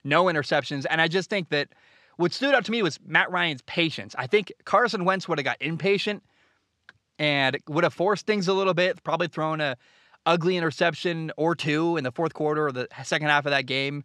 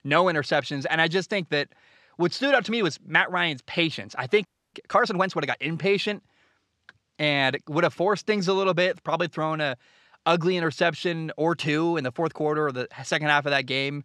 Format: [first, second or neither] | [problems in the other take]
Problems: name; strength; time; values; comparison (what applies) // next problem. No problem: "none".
first | audio freezing; at 4.5 s